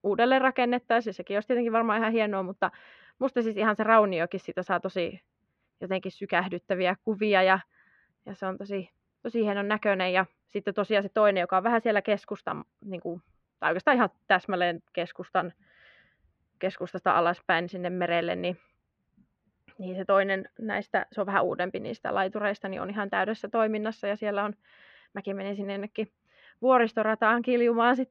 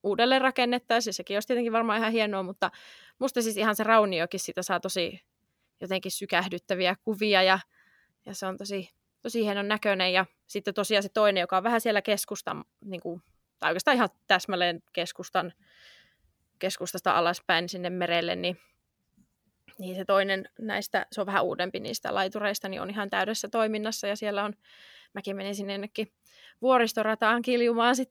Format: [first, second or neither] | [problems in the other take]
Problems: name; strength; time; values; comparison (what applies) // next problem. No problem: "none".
second | muffled; very; fading above 2.5 kHz